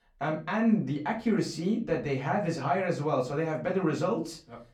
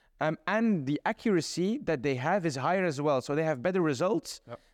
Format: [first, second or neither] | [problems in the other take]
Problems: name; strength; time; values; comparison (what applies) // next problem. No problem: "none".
second | off-mic speech; far // room echo; very slight; dies away in 0.3 s